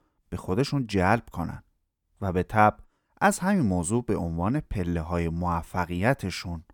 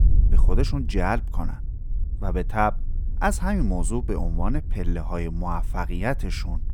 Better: first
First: none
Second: wind noise on the microphone; occasional gusts; 20 dB below the speech

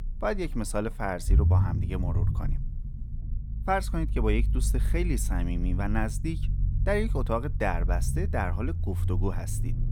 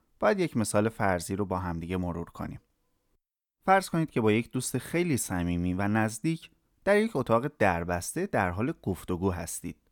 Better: second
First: low rumble; noticeable; throughout; 15 dB below the speech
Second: none

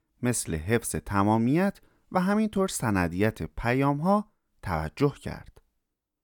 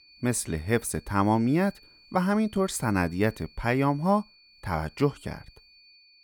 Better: first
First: none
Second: high-pitched whine; faint; throughout; 4.5 kHz, 25 dB below the speech

